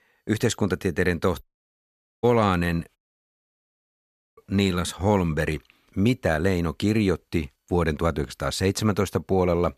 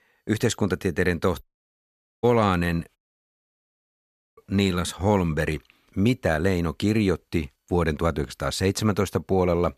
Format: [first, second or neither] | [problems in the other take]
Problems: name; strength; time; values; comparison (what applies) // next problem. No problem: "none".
neither | audio cutting out; at 1.5 s for 1 s and at 3 s for 1.5 s; the same in both